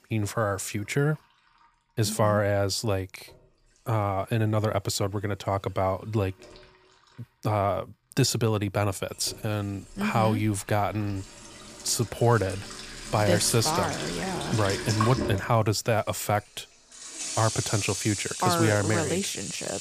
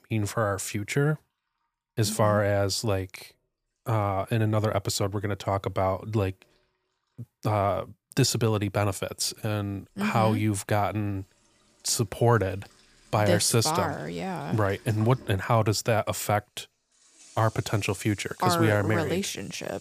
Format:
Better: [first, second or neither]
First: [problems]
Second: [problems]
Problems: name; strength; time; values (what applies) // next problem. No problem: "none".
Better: second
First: household noises; loud; throughout; 7 dB below the speech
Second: household noises; faint; throughout; 25 dB below the speech